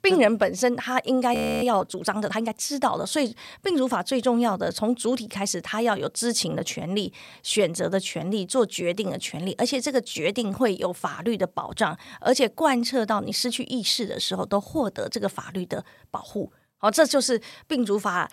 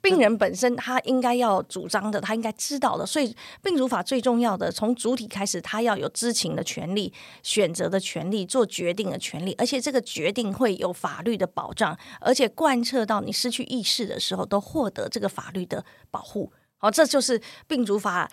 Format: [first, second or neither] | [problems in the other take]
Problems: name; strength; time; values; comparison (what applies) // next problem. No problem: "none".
second | audio freezing; at 1.5 s